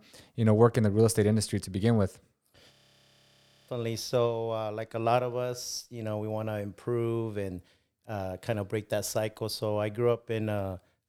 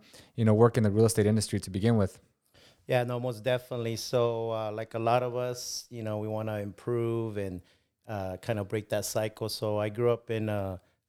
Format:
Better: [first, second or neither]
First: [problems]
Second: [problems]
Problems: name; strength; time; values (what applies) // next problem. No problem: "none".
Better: second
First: audio freezing; at 2.5 s for 1 s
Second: none